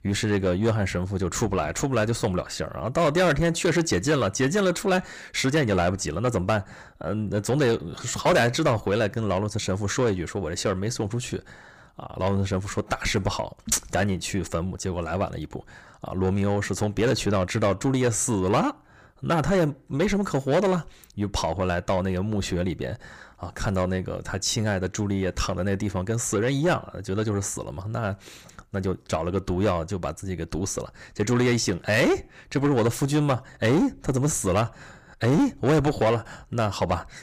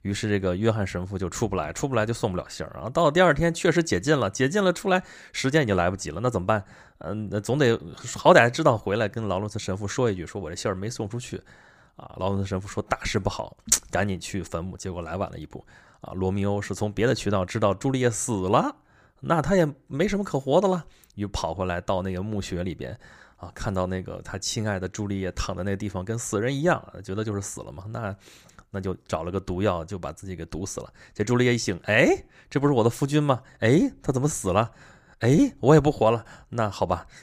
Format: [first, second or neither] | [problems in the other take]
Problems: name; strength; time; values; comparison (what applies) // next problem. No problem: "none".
second | distortion; heavy; 8 dB below the speech